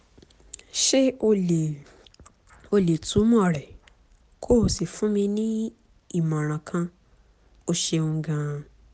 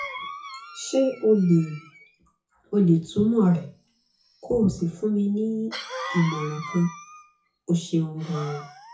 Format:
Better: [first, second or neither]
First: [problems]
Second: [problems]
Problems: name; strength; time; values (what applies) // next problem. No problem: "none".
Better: first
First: none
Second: noise reduction (classical method WPE with log-MMSE)